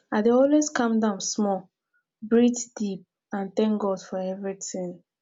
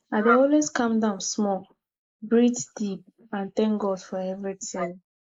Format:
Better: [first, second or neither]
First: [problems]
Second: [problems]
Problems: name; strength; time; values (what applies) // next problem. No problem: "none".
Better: first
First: none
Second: noise reduction (neural mask model Resemble Enhance denoiser)